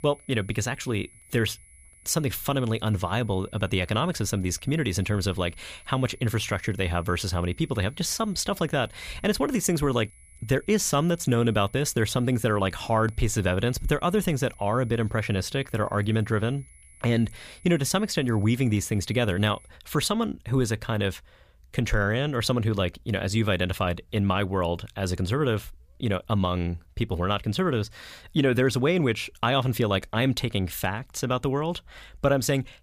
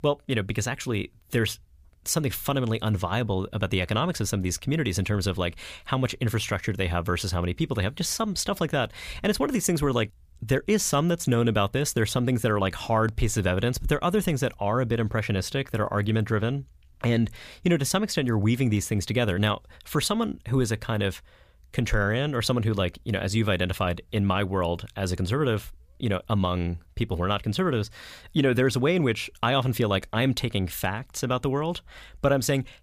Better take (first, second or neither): second